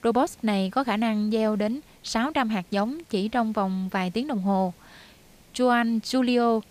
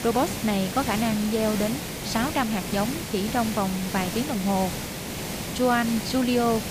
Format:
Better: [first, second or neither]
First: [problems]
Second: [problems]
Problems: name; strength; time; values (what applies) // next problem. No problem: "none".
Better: first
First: hiss; faint; throughout; 30 dB below the speech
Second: hiss; loud; throughout; 5 dB below the speech